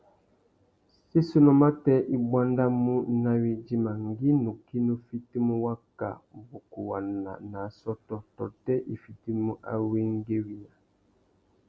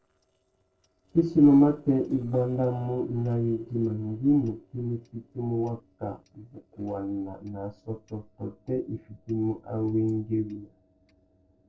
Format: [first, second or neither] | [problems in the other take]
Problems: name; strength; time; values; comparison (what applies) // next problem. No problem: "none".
first | noise reduction (neural separator model SepFormer DNS4)